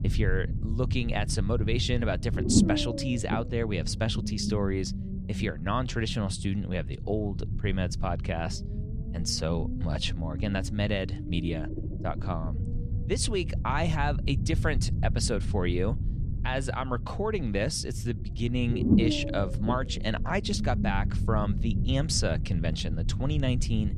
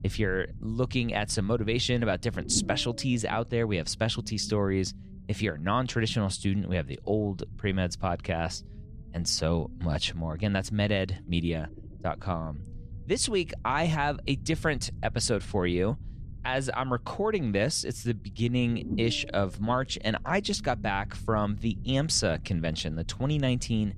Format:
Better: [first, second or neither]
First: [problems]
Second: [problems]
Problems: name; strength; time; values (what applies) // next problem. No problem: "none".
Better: second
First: low rumble; loud; throughout; 8 dB below the speech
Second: low rumble; faint; throughout; 20 dB below the speech